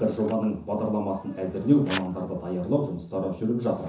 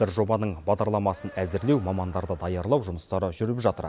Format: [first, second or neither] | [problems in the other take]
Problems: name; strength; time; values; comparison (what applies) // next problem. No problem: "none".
second | background sound (Scissors); 18 dB below the speech // room echo; dies away in 0.9 s